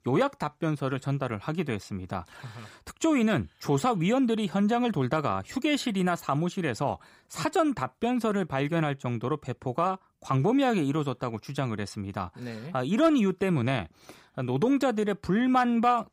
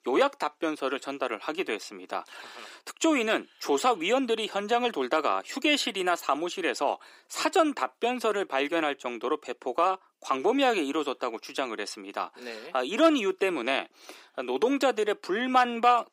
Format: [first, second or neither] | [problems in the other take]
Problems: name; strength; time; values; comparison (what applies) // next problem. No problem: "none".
first | thin; somewhat; fading below 300 Hz